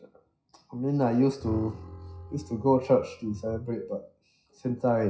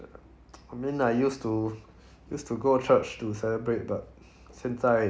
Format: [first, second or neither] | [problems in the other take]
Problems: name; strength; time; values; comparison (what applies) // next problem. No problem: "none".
second | noise reduction (classical method WPE with log-MMSE)